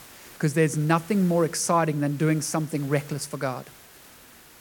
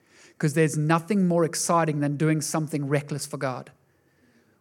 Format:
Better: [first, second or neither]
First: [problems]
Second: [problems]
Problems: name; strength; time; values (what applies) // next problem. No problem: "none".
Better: second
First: hiss; faint; throughout; 20 dB below the speech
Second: none